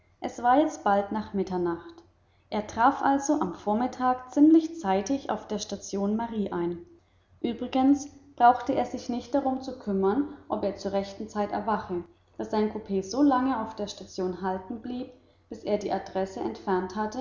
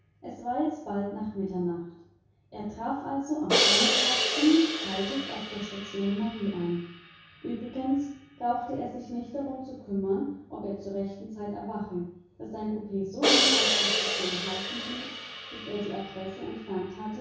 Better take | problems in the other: first | background sound (Crash cymbal); as loud as the speech // room echo; dies away in 0.6 s

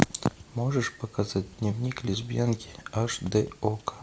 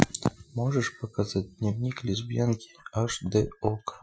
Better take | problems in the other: first | noise reduction (classical method Wiener filter)

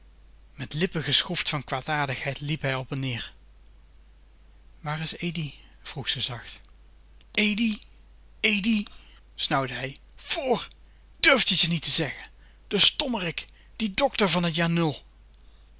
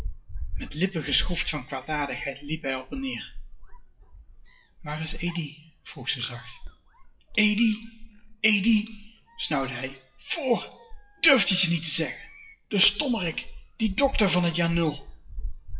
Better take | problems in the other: first | noise reduction (classical method WPE with log-MMSE)

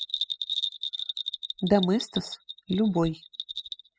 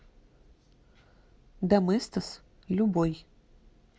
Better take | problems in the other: second | noise reduction (classical method spectral subtraction)

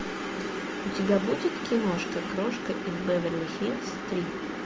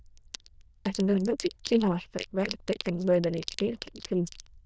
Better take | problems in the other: first | noise reduction (neural diffusion model UNIVERSE++)

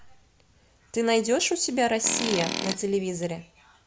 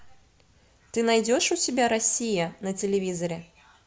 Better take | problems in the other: second | background sound (Tools); 5 dB below the speech

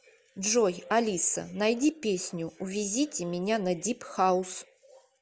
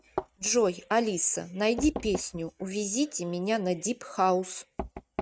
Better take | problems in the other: first | noise reduction (neural mask model RNNoise)

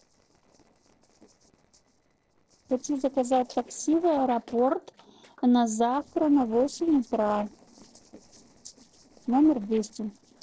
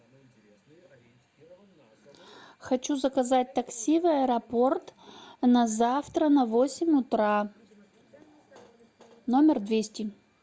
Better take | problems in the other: second | noise reduction (neural separator model SepFormer DNS4)

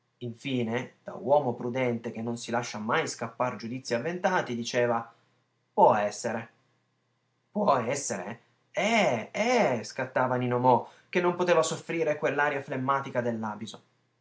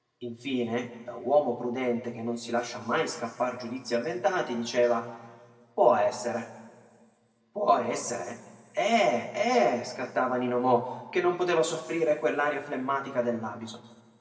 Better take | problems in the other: first | room echo; dies away in 2.1 s

